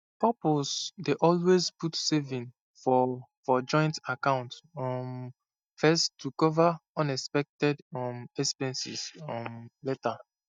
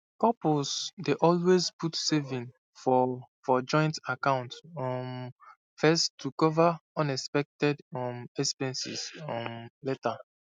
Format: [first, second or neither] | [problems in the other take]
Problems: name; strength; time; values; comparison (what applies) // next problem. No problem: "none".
second | noise reduction (neural mask model DeepFilterNet 3)